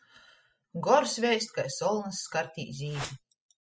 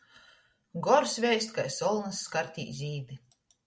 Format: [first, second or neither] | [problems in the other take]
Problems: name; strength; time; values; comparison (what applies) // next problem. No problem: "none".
second | noise reduction (classical method spectral subtraction)